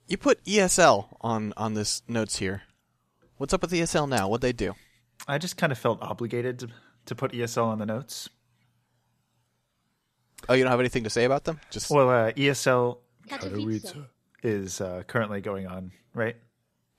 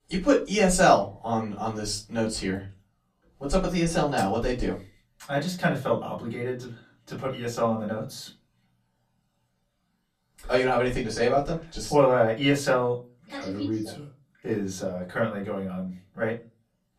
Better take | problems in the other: first | off-mic speech; far // room echo; very slight; dies away in 0.2 s

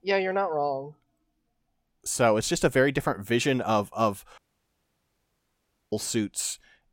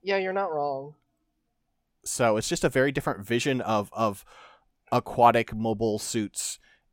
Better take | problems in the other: second | audio cutting out; at 4.5 s for 1.5 s

